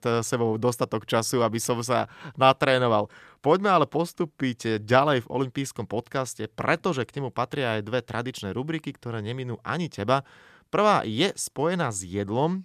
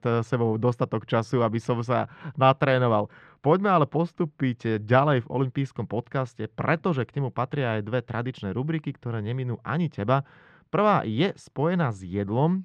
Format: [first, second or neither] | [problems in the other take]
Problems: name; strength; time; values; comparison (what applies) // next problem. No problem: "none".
first | muffled; slightly; fading above 2.5 kHz